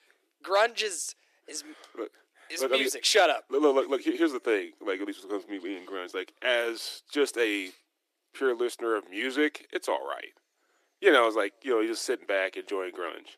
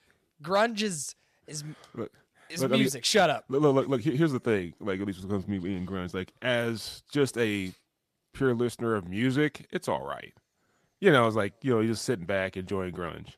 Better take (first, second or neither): second